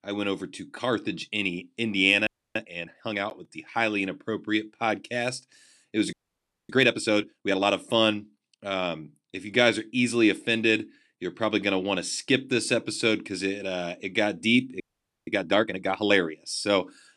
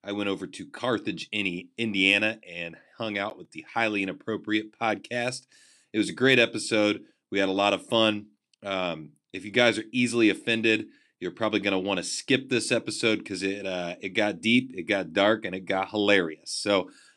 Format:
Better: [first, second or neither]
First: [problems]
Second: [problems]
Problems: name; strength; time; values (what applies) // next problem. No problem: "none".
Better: second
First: audio freezing; at 2.5 s, at 6 s for 0.5 s and at 15 s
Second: none